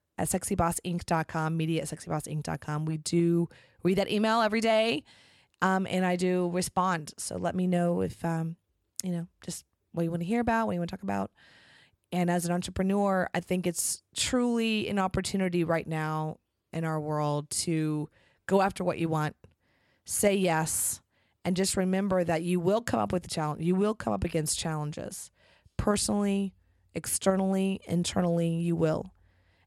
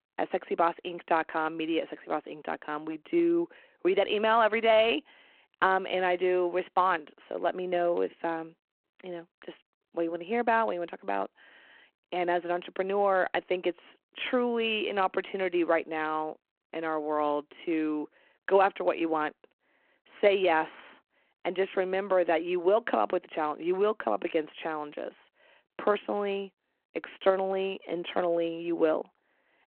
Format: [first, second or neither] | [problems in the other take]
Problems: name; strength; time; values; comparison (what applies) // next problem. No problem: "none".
first | phone-call audio